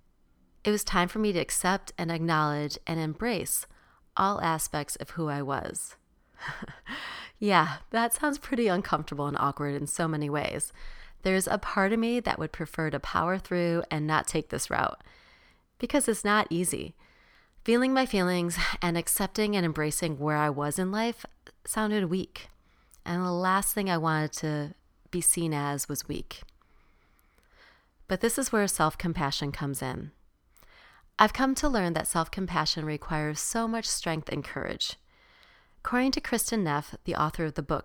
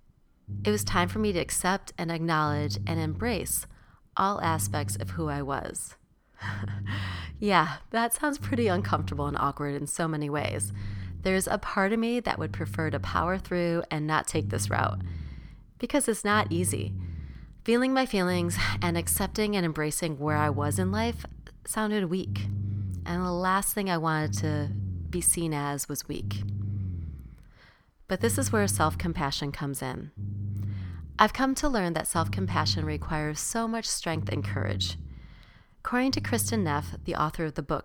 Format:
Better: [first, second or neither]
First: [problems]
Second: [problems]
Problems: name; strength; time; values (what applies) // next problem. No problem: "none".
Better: first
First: none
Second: low rumble; faint; throughout; 20 dB below the speech